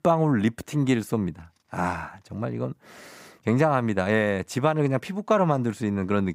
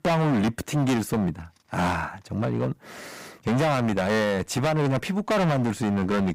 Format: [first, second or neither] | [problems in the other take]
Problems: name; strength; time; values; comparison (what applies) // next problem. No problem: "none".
first | distortion; heavy; 21% of the sound clipped